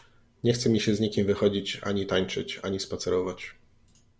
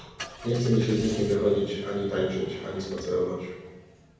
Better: first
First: none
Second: background sound (Engine starting / Car); 17 dB below the speech // room echo; dies away in 1.1 s

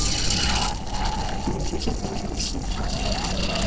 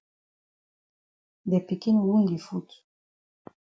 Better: second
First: noise reduction (neural separator model SepFormer DNS4)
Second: none

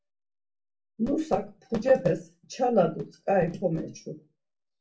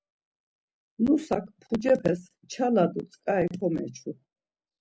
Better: second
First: room echo; dies away in 0.2 s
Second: none

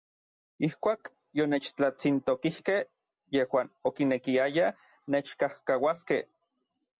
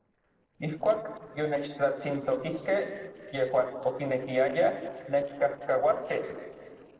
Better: first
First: none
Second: noise reduction (neural separator model SepFormer DNS4)

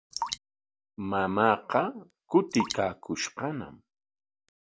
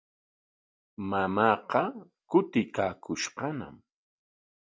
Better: second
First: background sound (Drip); 12 dB below the speech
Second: none

